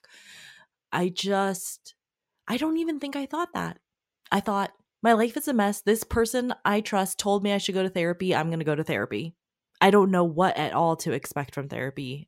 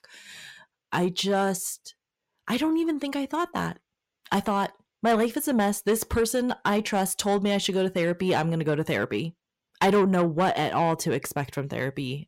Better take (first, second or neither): first